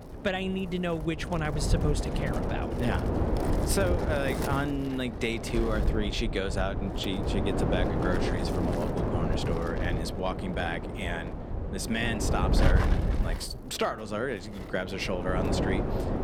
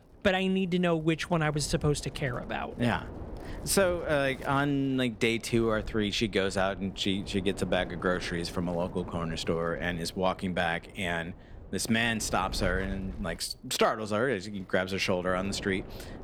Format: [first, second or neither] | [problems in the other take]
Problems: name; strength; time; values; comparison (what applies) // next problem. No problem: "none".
second | wind noise on the microphone; heavy; 2 dB below the speech; occasional gusts in the second